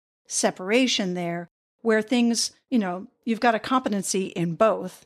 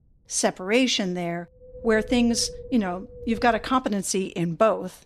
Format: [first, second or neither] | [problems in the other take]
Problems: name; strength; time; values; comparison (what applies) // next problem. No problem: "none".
first | wind noise on the microphone; occasional gusts; 15 dB below the speech